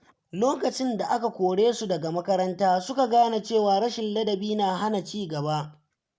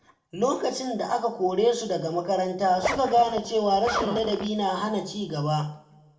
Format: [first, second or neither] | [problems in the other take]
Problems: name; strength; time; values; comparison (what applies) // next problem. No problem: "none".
first | background sound (Zipper (clothing)); 6 dB below the speech // room echo; dies away in 0.5 s